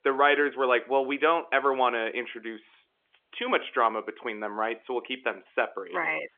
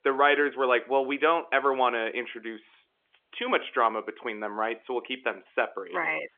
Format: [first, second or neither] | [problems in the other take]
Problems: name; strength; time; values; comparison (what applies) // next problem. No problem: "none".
neither | phone-call audio; nothing above 3.5 kHz; the same in both